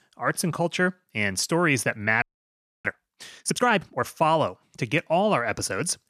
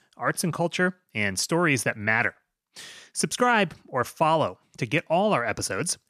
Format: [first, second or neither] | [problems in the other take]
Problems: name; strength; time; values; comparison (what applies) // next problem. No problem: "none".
second | audio freezing; at 2 s for 0.5 s